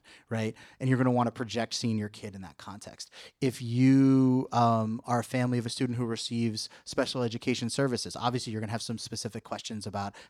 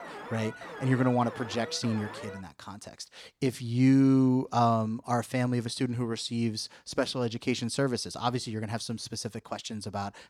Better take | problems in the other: first | alarm; faint; until 2.5 s; peak 10 dB below the speech

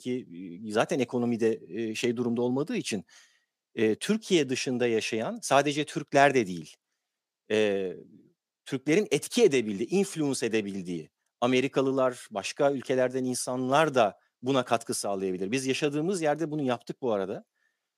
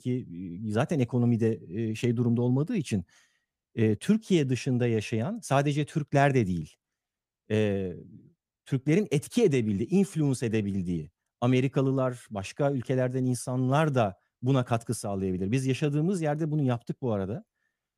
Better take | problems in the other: second | thin; somewhat; fading below 300 Hz

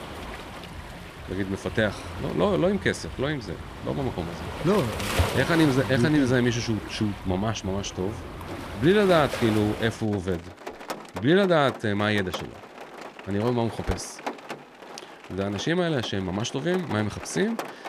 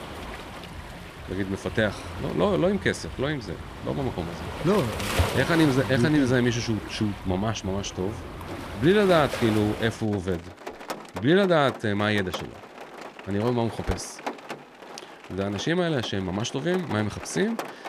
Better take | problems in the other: neither | rain or running water; noticeable; throughout; 10 dB below the speech; the same in both

